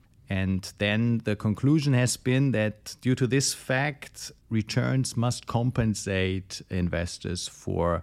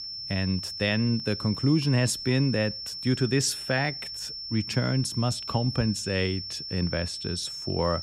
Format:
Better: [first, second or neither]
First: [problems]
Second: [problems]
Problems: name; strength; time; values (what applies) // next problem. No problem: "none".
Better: first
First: none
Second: high-pitched whine; loud; throughout; 5.5 kHz, 7 dB below the speech